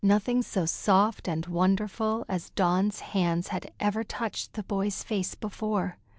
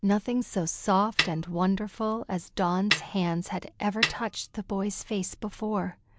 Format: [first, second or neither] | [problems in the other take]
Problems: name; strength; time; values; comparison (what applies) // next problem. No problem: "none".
first | background sound (Snare drum); 4 dB below the speech